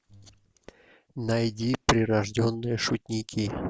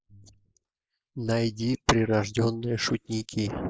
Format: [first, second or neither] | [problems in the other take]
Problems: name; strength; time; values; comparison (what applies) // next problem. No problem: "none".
first | noise reduction (neural mask model Resemble Enhance denoiser)